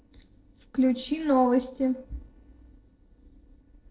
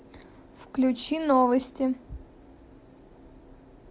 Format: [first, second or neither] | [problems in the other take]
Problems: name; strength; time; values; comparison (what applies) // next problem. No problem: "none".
second | noise reduction (neural separator model SepFormer DNS4)